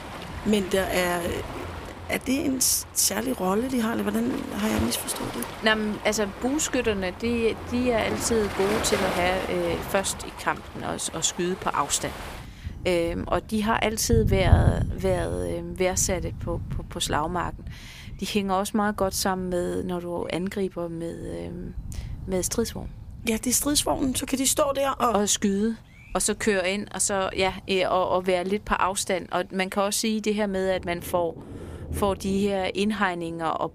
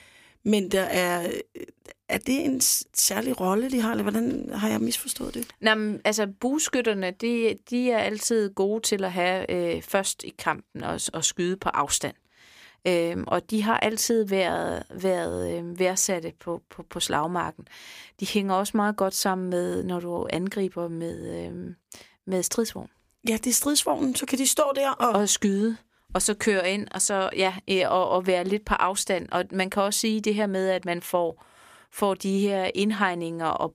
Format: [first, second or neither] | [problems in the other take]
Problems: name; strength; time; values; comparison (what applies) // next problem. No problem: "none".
second | rain or running water; loud; throughout; 8 dB below the speech